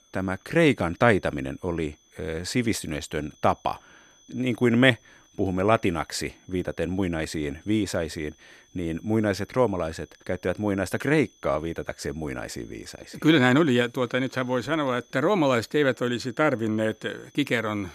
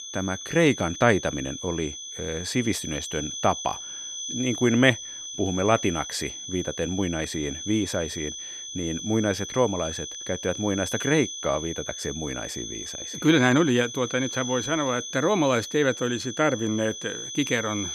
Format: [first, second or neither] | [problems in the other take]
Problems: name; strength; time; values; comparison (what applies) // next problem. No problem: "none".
first | high-pitched whine; loud; throughout; 6 kHz, 8 dB below the speech; faint in the first